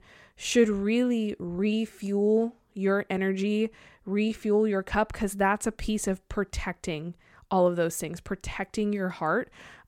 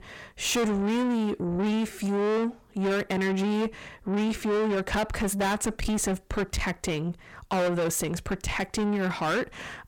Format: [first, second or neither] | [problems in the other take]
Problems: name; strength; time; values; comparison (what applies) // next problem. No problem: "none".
first | distortion; heavy; 6 dB below the speech